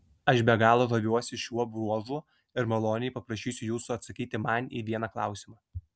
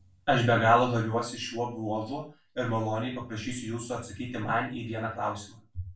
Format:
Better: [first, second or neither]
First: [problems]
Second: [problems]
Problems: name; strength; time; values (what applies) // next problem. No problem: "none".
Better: first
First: none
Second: room echo; dies away in 0.3 s